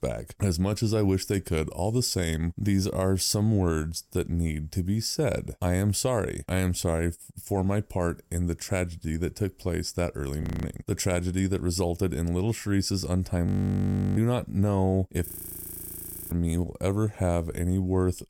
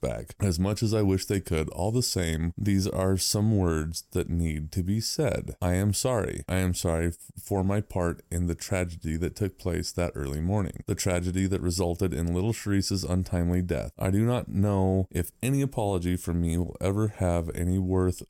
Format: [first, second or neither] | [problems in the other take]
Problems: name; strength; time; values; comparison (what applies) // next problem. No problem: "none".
second | audio freezing; at 10 s, at 13 s for 0.5 s and at 15 s for 1 s